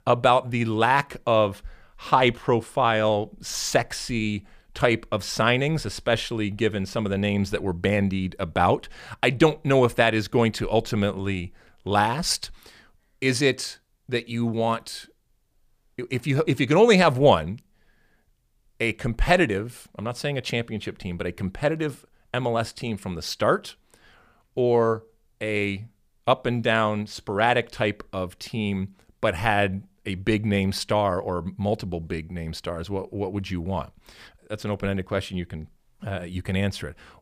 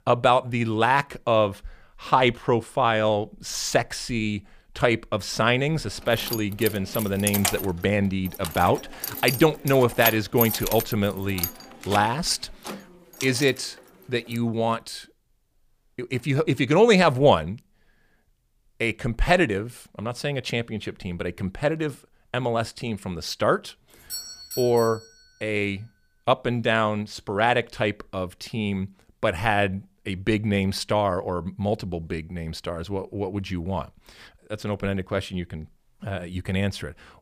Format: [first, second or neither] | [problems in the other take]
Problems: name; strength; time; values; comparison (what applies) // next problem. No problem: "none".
first | jangling keys; loud; from 6 to 13 s; peak 1 dB above the speech // doorbell; noticeable; at 24 s; peak 9 dB below the speech